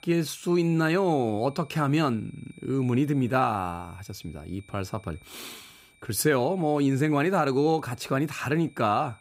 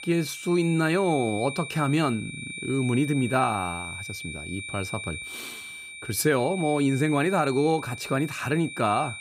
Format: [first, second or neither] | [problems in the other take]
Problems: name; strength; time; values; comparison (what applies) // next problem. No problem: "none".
first | high-pitched whine; loud; throughout; 2.5 kHz, 10 dB below the speech; faint in the first